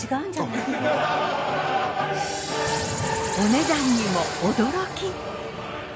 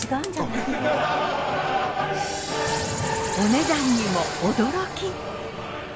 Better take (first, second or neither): first